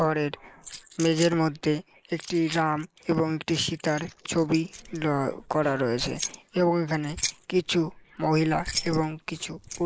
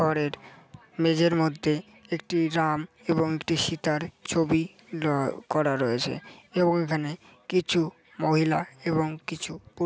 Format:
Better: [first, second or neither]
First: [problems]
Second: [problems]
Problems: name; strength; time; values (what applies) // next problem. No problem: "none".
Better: second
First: noise reduction (neural mask model Resemble Enhance denoiser)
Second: none